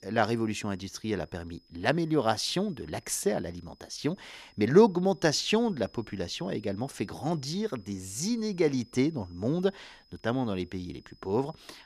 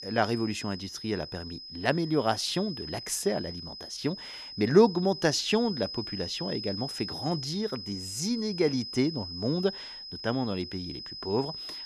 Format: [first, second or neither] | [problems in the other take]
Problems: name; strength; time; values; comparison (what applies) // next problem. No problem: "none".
first | high-pitched whine; loud; throughout; 5 kHz, 9 dB below the speech; faint in the first